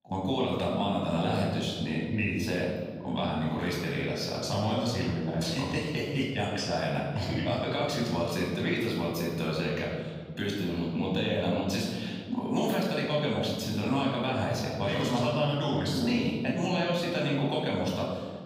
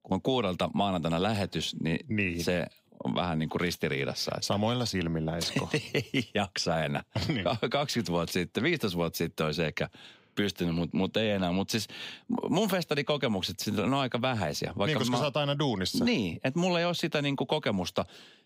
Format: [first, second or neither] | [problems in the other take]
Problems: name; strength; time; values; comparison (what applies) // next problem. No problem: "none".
second | off-mic speech; far // room echo; noticeable; dies away in 1.8 s